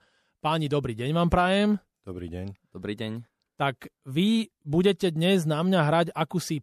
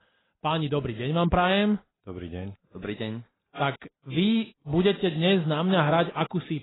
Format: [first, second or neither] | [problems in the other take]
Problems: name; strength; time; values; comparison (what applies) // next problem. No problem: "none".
first | garbled, watery; badly; nothing above 4 kHz